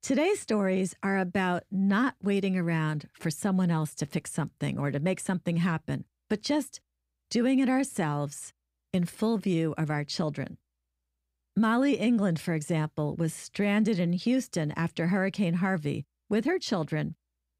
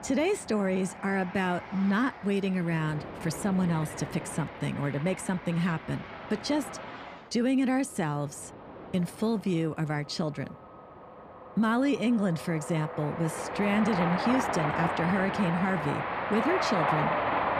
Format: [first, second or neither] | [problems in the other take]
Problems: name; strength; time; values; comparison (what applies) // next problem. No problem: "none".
first | train or aircraft noise; loud; throughout; 4 dB below the speech